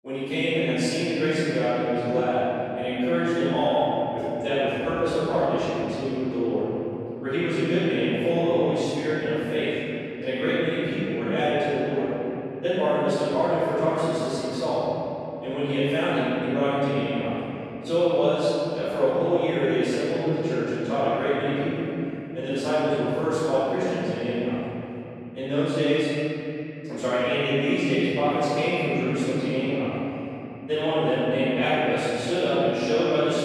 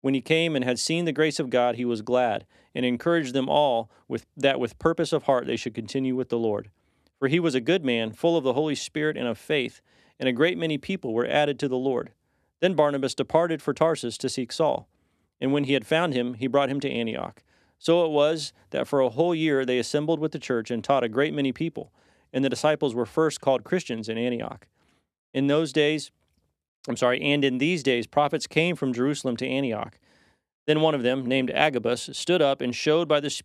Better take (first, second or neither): second